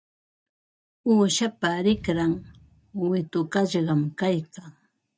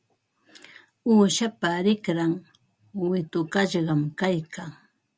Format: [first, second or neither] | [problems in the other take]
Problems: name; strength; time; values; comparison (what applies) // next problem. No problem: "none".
second | noise reduction (neural mask model DeepFilterNet 3)